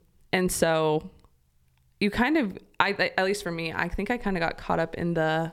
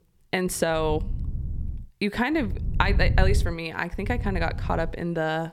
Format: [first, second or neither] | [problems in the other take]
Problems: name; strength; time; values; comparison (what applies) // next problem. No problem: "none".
first | wind noise on the microphone; occasional gusts; from 1 to 2 s, from 2.5 to 3.5 s and at 4 s; 20 dB below the speech